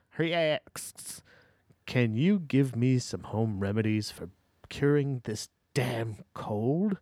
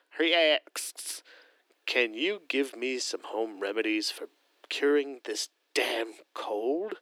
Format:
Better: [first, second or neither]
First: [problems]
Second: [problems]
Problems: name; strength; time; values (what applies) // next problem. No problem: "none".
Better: first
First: none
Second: thin; somewhat; fading below 300 Hz